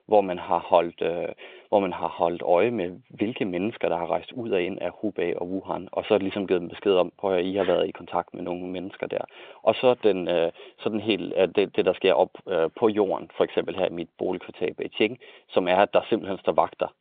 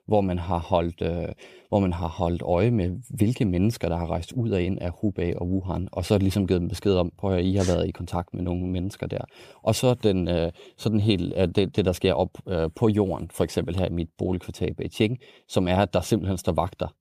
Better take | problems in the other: second | phone-call audio; nothing above 3.5 kHz

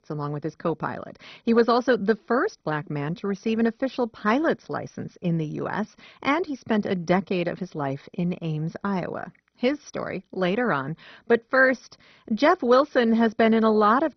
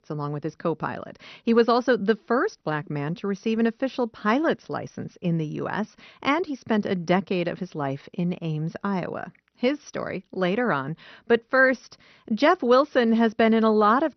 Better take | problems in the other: second | garbled, watery; badly; nothing above 6 kHz; slightly in the second

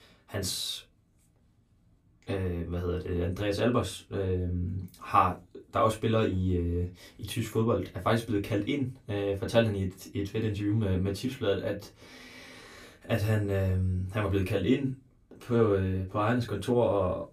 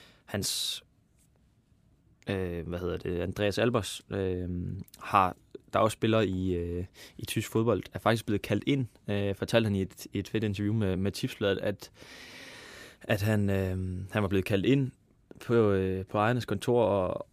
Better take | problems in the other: second | off-mic speech; far // room echo; very slight; dies away in 0.2 s

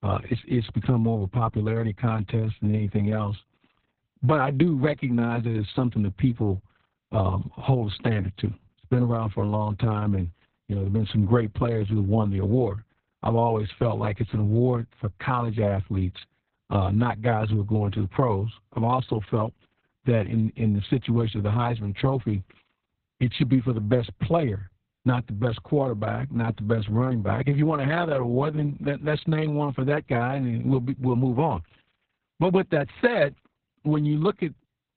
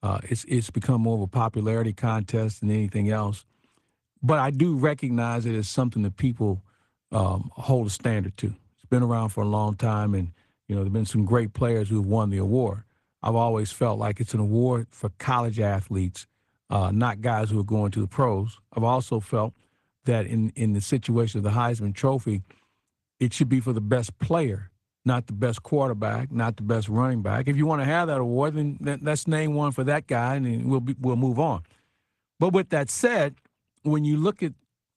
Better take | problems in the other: second | garbled, watery; badly; nothing above 4 kHz; slightly in the second

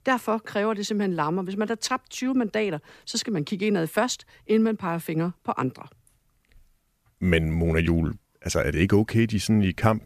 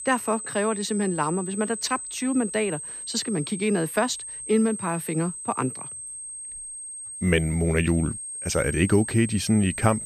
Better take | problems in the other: first | high-pitched whine; loud; throughout; 8.5 kHz, 8 dB below the speech

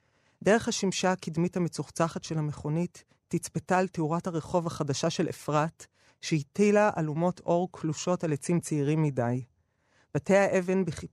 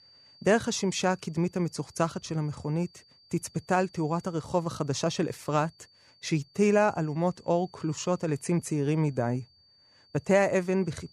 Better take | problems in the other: first | high-pitched whine; faint; throughout; 4.5 kHz, 30 dB below the speech

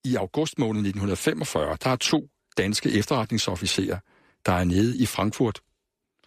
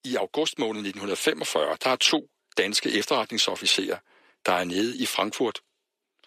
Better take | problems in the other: first | thin; somewhat; fading below 400 Hz

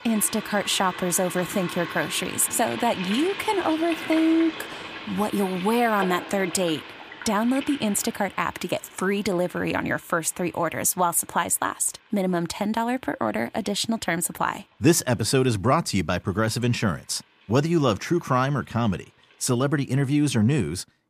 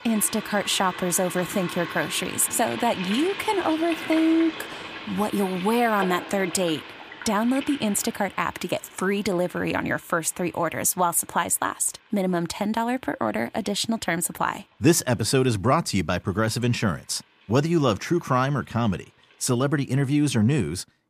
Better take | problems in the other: neither | household noises; noticeable; throughout; 10 dB below the speech; the same in both

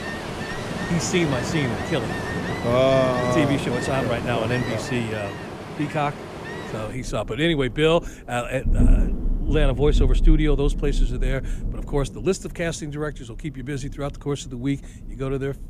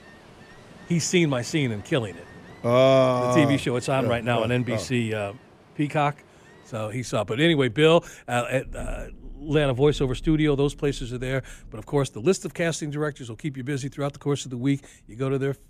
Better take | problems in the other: second | rain or running water; loud; throughout; 3 dB below the speech; faint in the second

